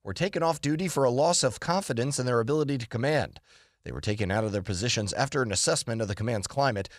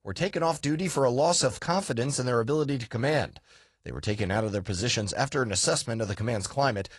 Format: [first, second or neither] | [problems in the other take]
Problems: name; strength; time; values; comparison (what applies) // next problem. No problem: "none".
first | garbled, watery; slightly